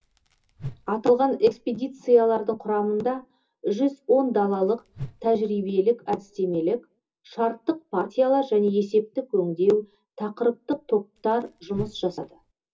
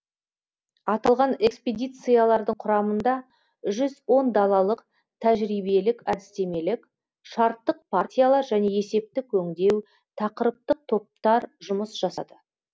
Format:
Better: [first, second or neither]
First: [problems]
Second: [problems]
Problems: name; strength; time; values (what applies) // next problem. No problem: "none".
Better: second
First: background sound (Whoosh, swoosh, swish); 17 dB below the speech // room echo; dies away in 0.2 s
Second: none